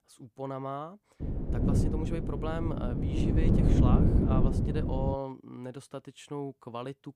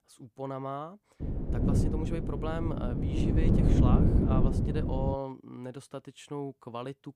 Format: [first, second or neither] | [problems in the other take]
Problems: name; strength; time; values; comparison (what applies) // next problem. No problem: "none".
neither | wind noise on the microphone; heavy; from 1 to 5 s; 2 dB above the speech; the same in both